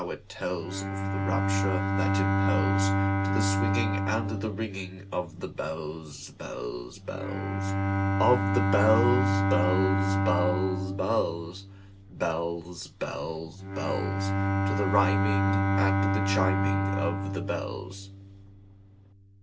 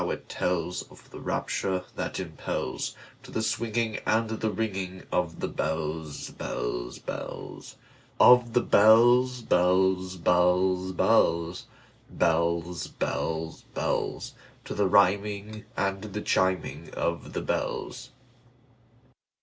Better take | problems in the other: second | background sound (Bowed string instrument); 3 dB above the speech

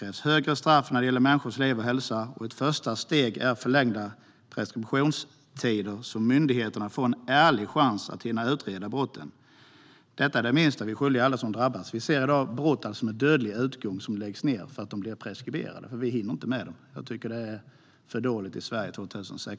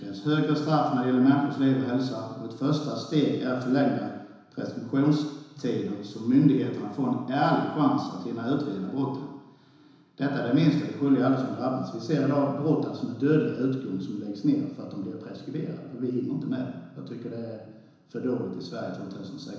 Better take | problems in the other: first | room echo; dies away in 1 s

